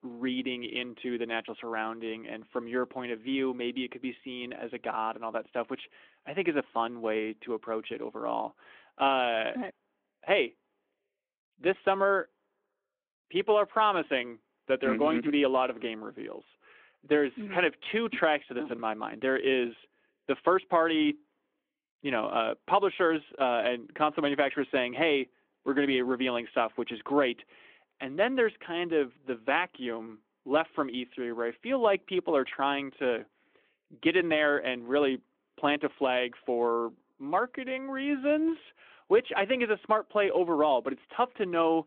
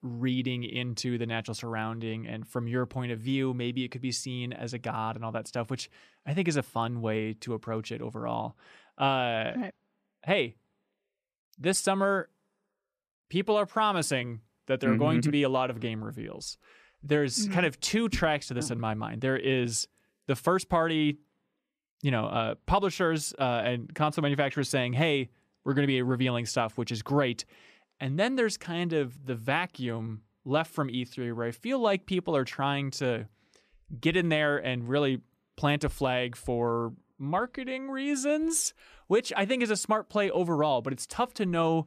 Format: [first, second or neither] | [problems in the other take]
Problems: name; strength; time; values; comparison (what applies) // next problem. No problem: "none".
second | phone-call audio; nothing above 3.5 kHz